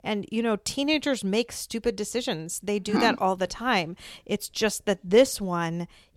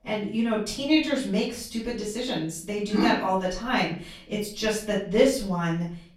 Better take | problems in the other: first | off-mic speech; far // room echo; noticeable; dies away in 0.4 s

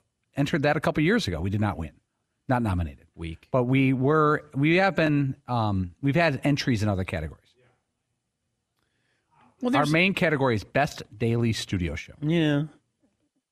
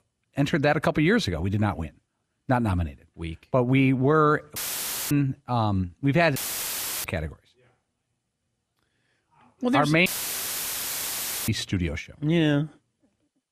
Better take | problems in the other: first | audio cutting out; filled with static; at 4.5 s for 0.5 s, at 6.5 s for 0.5 s and at 10 s for 1.5 s

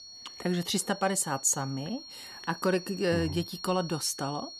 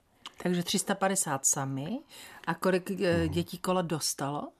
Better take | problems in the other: second | high-pitched whine; noticeable; throughout; 4.5 kHz, 15 dB below the speech

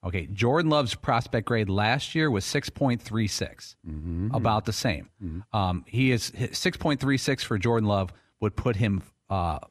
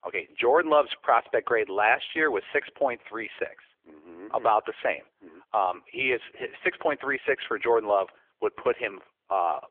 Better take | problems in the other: first | phone-call audio; poor line; nothing above 3.5 kHz

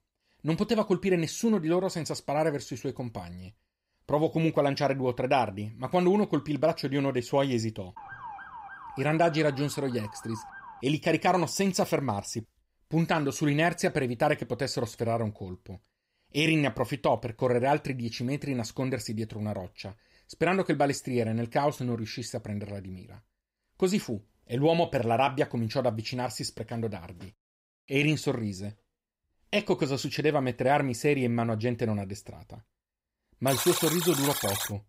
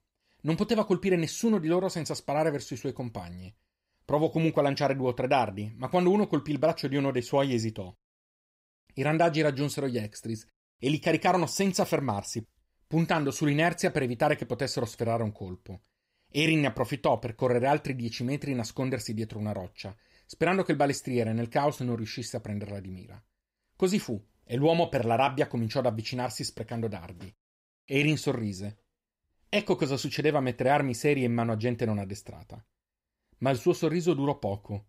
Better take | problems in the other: second | siren; faint; from 8 to 11 s; peak 15 dB below the speech // alarm; loud; from 33 s on; peak 1 dB above the speech

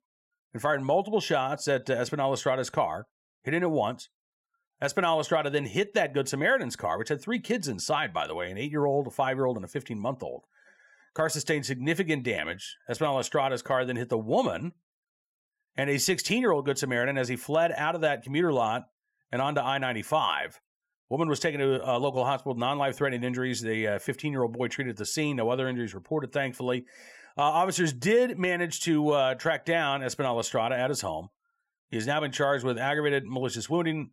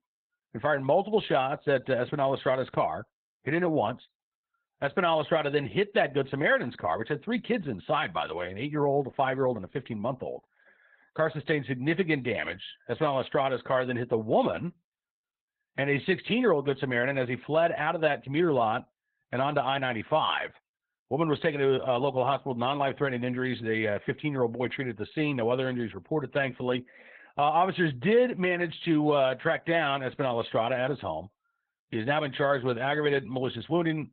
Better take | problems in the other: first | garbled, watery; badly; nothing above 3.5 kHz

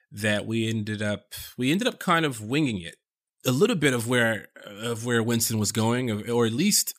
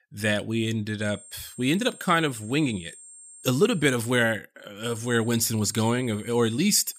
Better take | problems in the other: first | high-pitched whine; noticeable; from 1 to 4 s and from 5 s on; 8.5 kHz, 20 dB below the speech

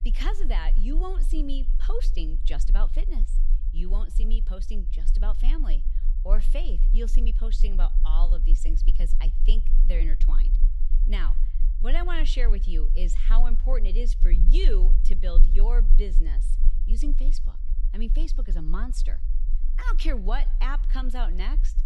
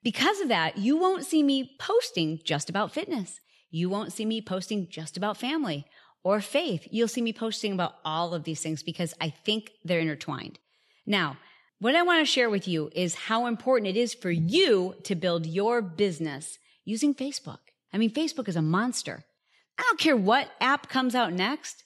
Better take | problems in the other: second | low rumble; noticeable; throughout; 15 dB below the speech

